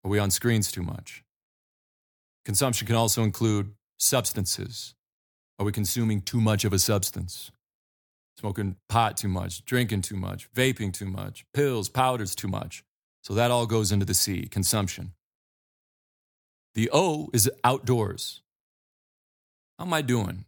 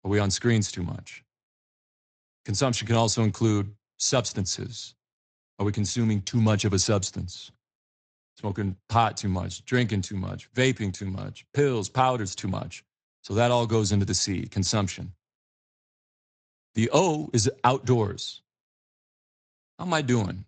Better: first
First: none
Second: garbled, watery; slightly; nothing above 8 kHz

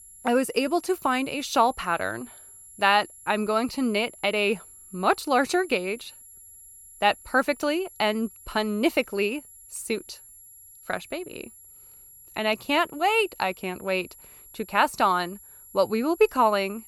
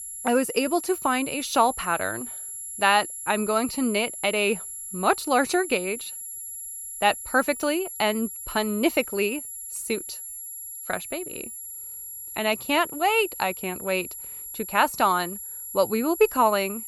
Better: first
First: high-pitched whine; faint; throughout; 11 kHz, 20 dB below the speech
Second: high-pitched whine; loud; throughout; 11 kHz, 9 dB below the speech

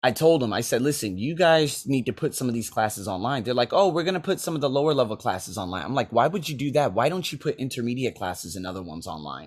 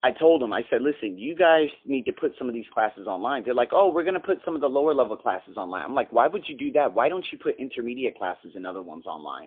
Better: first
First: none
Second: phone-call audio; poor line; nothing above 3.5 kHz

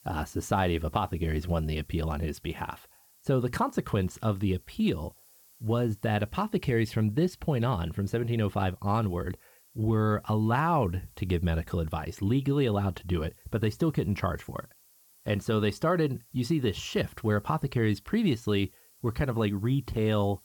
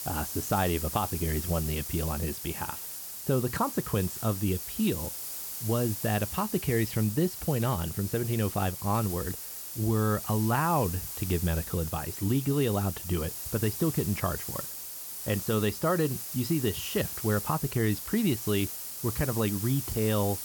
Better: first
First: hiss; faint; throughout; 25 dB below the speech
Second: hiss; loud; throughout; 5 dB below the speech

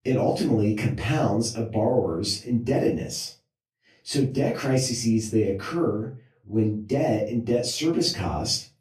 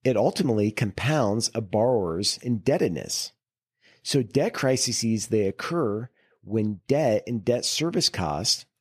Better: second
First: off-mic speech; far // room echo; slight; dies away in 0.3 s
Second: none

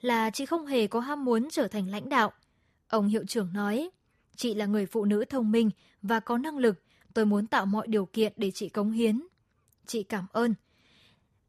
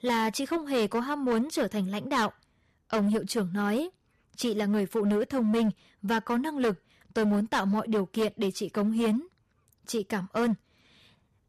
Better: first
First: none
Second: distortion; slight; 11% of the sound clipped

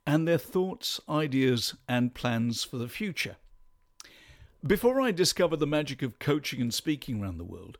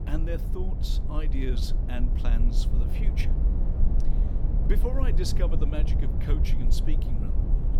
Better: first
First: none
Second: low rumble; loud; throughout; 4 dB below the speech

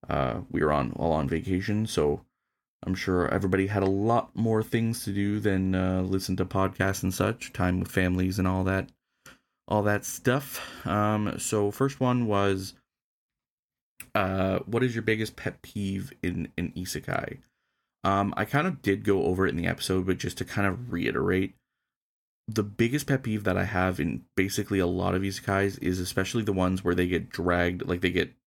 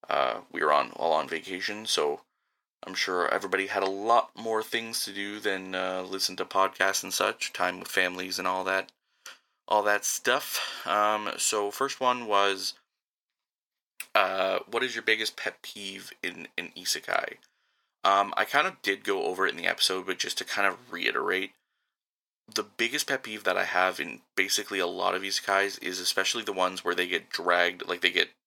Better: first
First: none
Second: thin; very; fading below 650 Hz

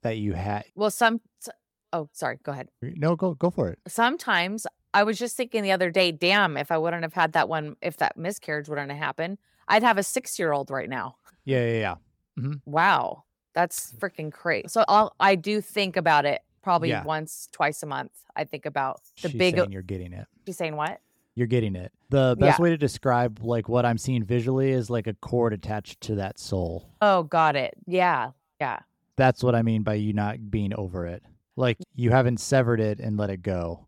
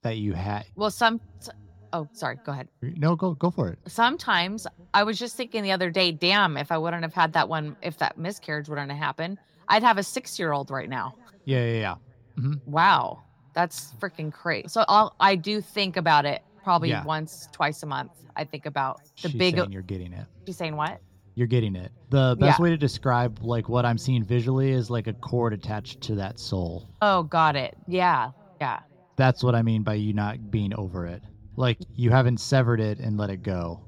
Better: first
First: none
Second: room echo; slight; dies away in 3 s

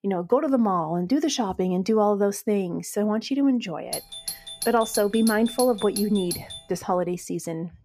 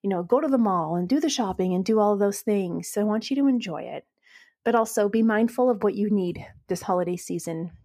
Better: second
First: doorbell; noticeable; from 4 to 6.5 s; peak 6 dB below the speech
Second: none

